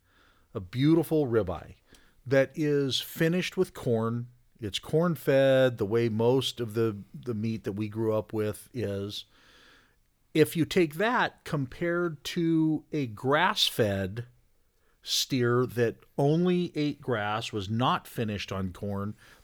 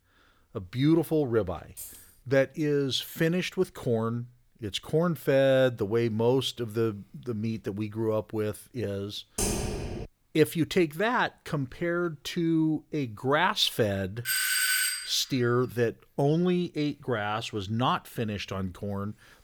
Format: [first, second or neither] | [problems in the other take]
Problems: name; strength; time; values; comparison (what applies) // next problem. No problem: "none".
first | jangling keys; faint; at 2 s; peak 15 dB below the speech // keyboard typing; noticeable; at 9.5 s; peak 1 dB below the speech // doorbell; loud; at 14 s; peak 5 dB above the speech